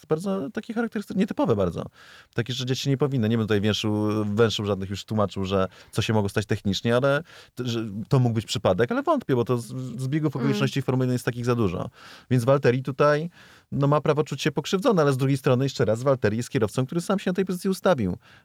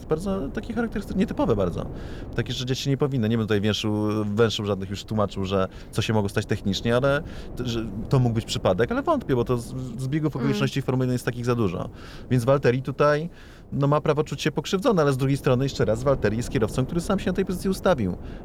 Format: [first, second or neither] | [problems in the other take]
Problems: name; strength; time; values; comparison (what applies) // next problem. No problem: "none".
first | wind noise on the microphone; occasional gusts; 20 dB below the speech